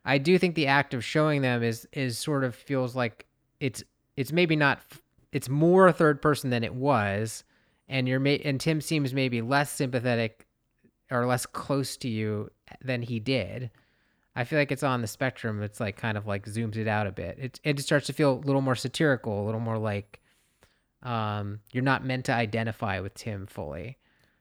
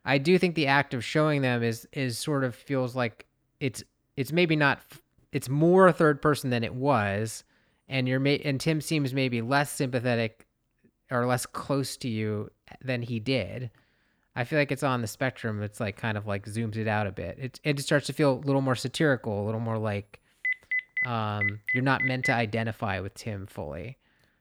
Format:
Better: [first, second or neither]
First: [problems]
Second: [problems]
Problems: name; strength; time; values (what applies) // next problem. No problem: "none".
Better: first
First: none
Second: phone ringing; loud; from 20 to 22 s; peak level with the speech